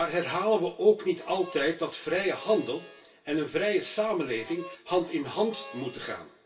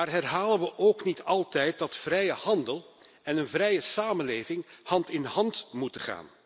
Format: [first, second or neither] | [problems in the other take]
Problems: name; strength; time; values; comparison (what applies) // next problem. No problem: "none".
second | background sound (Harmonica); 18 dB below the speech // room echo; dies away in 0.2 s